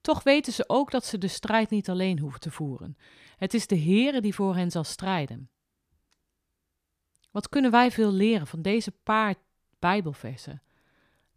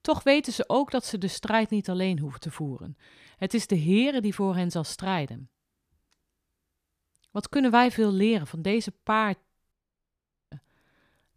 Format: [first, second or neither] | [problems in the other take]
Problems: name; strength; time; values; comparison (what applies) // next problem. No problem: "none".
first | audio cutting out; at 9.5 s for 1 s